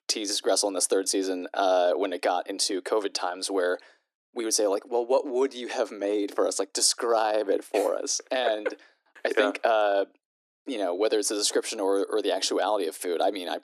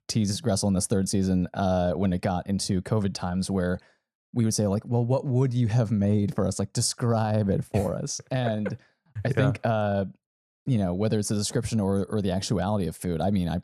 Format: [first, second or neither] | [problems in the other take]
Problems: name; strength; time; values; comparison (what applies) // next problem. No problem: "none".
second | thin; very; fading below 300 Hz